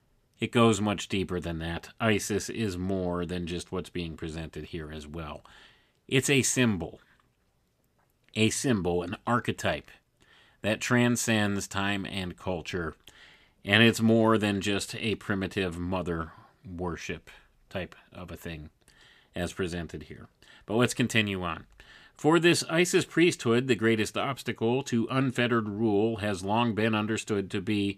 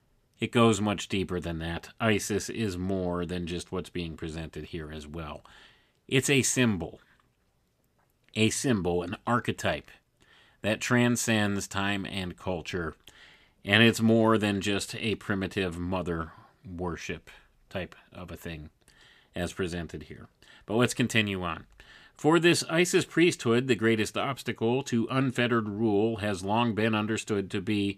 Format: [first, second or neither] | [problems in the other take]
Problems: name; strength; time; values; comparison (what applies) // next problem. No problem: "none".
neither | none